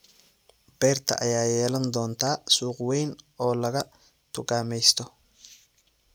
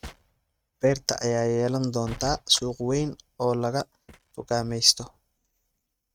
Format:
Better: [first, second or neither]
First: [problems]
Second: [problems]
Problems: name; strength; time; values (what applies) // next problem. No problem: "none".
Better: first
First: none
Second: noise reduction (neural mask model RNNoise)